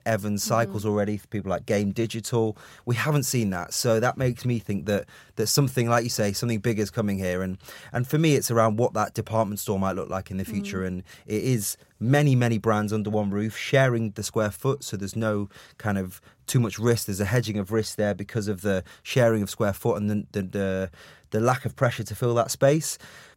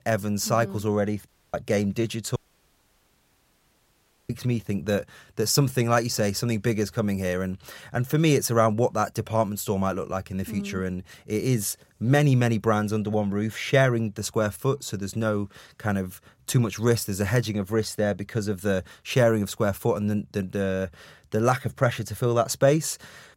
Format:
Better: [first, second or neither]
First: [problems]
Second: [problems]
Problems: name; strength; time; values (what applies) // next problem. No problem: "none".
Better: first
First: none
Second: audio cutting out; at 1.5 s and at 2.5 s for 2 s